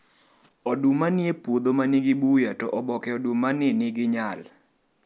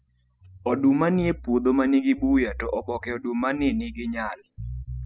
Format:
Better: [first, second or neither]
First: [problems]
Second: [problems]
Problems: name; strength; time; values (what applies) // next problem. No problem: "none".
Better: first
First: none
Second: noise reduction (classical method spectral subtraction)